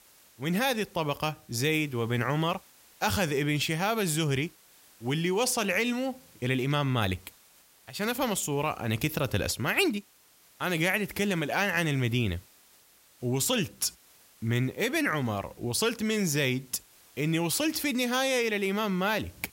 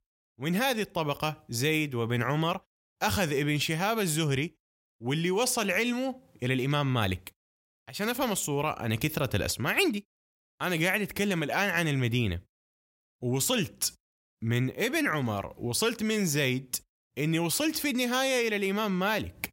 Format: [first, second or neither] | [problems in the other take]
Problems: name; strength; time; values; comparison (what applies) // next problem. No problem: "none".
second | hiss; faint; throughout; 25 dB below the speech